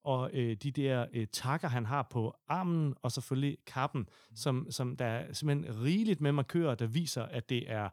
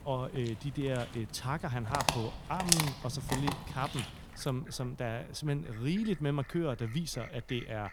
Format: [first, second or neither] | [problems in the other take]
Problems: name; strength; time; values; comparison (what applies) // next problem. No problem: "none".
first | animal sounds; very loud; throughout; 1 dB above the speech